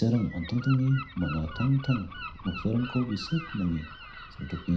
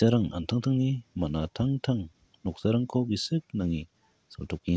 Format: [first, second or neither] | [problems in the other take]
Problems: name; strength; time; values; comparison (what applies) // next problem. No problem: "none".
second | background sound (Gull, seagull); 13 dB below the speech // room echo; dies away in 0.5 s